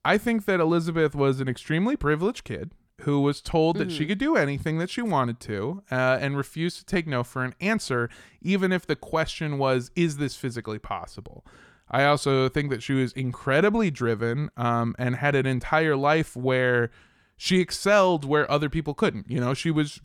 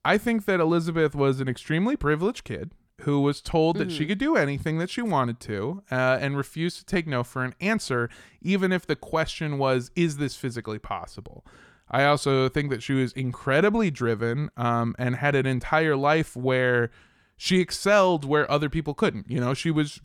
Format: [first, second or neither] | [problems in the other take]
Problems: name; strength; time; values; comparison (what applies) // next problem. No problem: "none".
neither | none